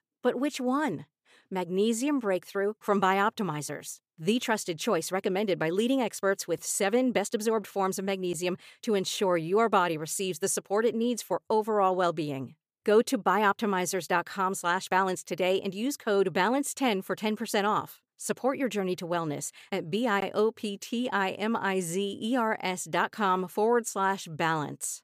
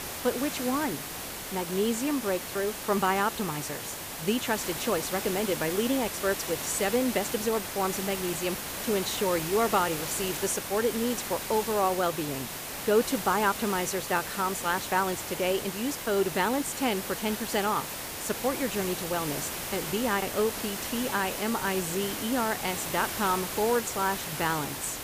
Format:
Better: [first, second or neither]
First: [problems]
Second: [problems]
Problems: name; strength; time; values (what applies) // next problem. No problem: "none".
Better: first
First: none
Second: hiss; loud; throughout; 4 dB below the speech